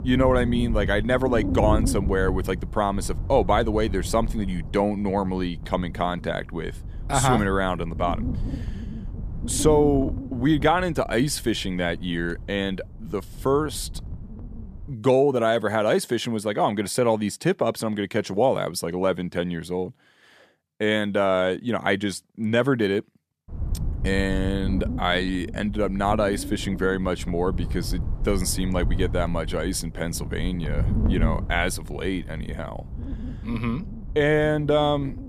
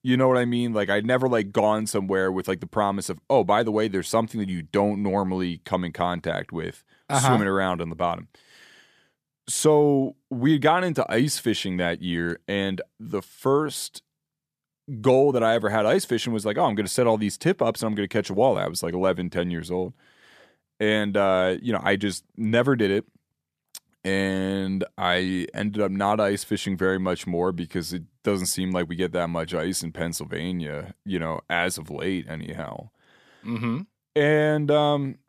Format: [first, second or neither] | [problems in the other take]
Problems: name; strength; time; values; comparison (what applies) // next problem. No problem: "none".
second | wind noise on the microphone; occasional gusts; until 15 s and from 23 s on; 15 dB below the speech